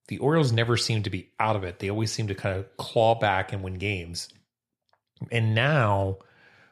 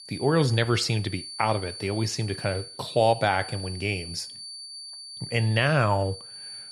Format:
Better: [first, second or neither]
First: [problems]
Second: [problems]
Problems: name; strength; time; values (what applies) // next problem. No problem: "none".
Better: first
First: none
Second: high-pitched whine; noticeable; throughout; 4.5 kHz, 10 dB below the speech